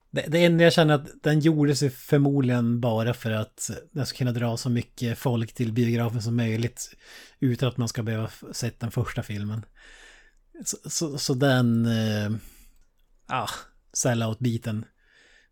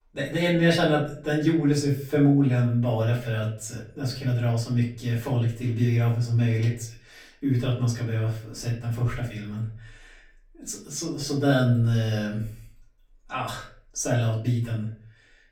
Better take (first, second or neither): first